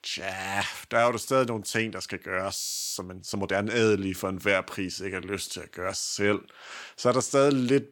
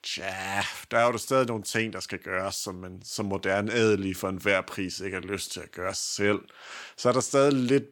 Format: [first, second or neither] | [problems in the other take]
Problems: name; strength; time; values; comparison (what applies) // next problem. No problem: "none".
second | audio freezing; at 2.5 s